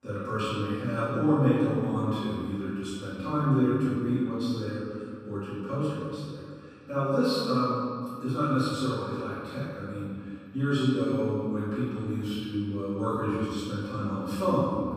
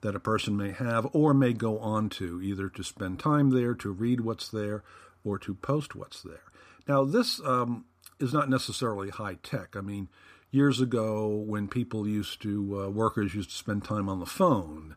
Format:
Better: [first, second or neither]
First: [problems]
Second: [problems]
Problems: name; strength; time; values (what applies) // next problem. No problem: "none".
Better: second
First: room echo; strong; dies away in 2 s // off-mic speech; far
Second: none